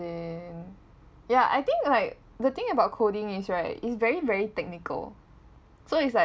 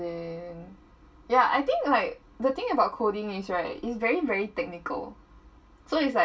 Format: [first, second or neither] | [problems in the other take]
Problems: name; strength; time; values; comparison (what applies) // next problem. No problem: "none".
first | room echo; dies away in 0.2 s